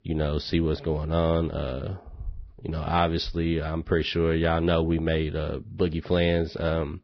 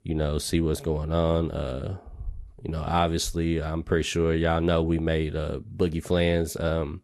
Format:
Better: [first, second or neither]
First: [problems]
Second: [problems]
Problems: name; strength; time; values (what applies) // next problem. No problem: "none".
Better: second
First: garbled, watery; badly; nothing above 5.5 kHz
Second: garbled, watery; slightly; nothing above 12.5 kHz